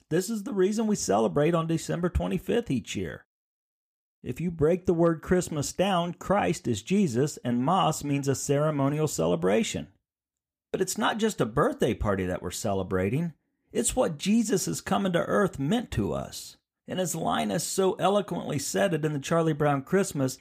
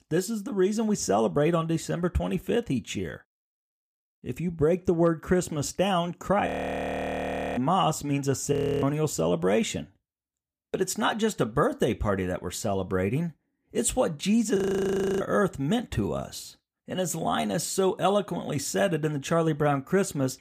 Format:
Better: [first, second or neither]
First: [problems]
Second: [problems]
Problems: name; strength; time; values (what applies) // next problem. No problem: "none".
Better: first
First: none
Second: audio freezing; at 6.5 s for 1 s, at 8.5 s and at 15 s for 0.5 s